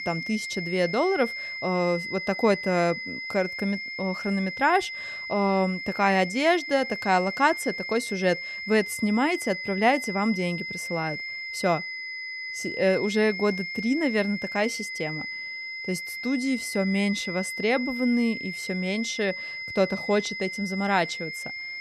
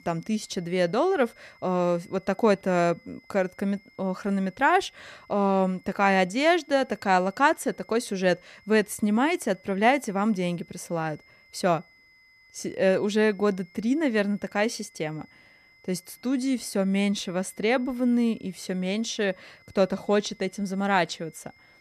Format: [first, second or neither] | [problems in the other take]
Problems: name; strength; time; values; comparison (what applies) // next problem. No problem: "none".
second | high-pitched whine; loud; throughout; 2 kHz, 6 dB below the speech; faint in the second